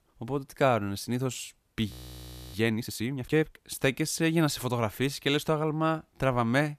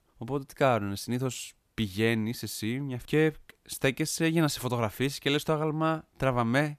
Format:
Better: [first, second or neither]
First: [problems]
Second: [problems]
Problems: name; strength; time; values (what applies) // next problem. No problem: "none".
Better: second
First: audio freezing; at 2 s for 0.5 s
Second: none